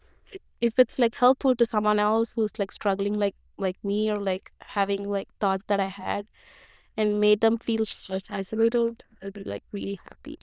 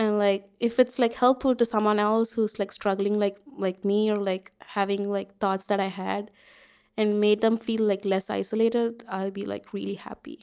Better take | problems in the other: second | noise reduction (neural diffusion model UNIVERSE++)

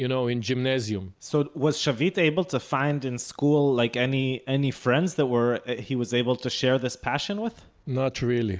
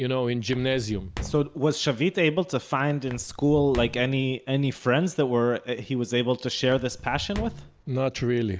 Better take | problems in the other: first | background sound (Walk, footsteps); 13 dB below the speech

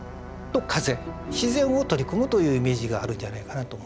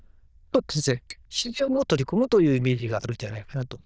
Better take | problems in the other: first | noise reduction (neural diffusion model UNIVERSE++)

